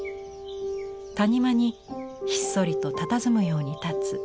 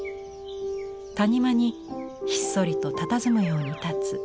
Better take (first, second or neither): first